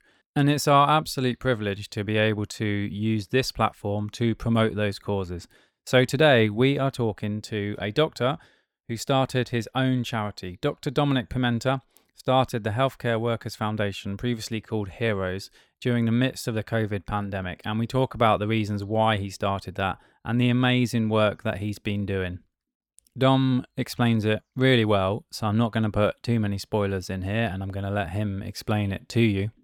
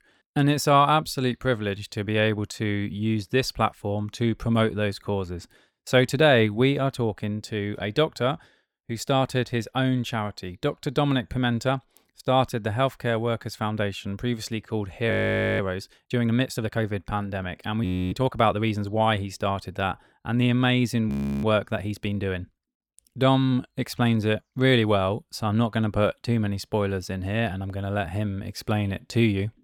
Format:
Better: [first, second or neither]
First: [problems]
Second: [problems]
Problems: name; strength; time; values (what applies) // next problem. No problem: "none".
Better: first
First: none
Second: audio freezing; at 15 s, at 18 s and at 21 s